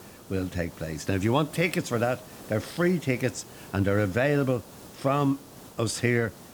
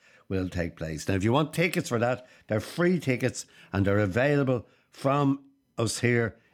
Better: second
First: hiss; noticeable; throughout; 20 dB below the speech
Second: none

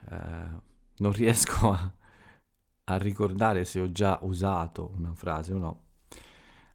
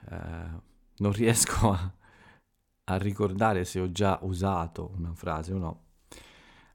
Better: second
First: garbled, watery; slightly; nothing above 17.5 kHz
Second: none

